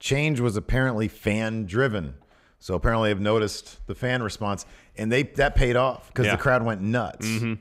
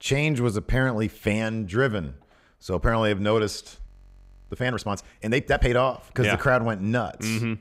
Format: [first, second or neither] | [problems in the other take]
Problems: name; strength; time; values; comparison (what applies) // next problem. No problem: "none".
first | audio freezing; at 4 s for 0.5 s